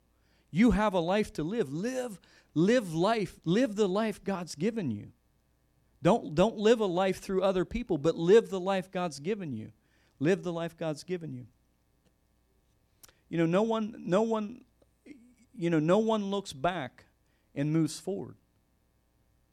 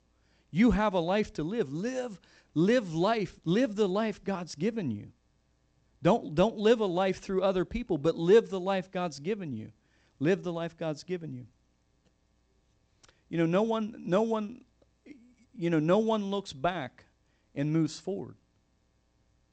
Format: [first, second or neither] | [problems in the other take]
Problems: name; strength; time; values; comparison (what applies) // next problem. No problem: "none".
first | garbled, watery; slightly; nothing above 8 kHz